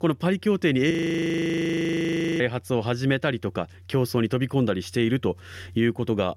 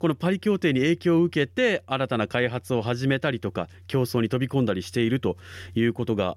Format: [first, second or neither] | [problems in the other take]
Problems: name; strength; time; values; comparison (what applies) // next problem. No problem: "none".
second | audio freezing; at 1 s for 1.5 s